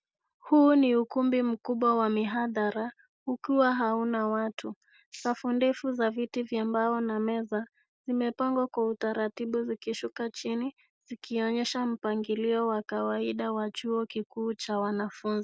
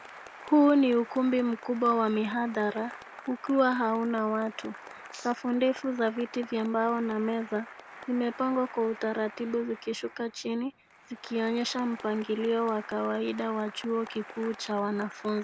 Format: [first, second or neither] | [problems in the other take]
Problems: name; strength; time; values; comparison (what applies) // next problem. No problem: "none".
first | background sound (Applause); 18 dB below the speech